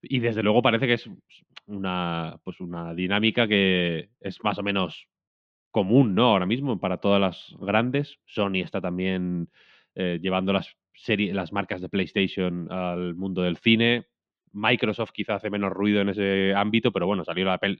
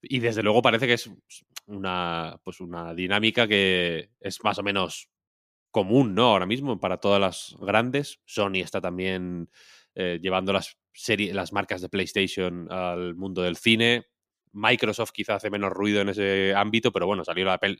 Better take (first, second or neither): second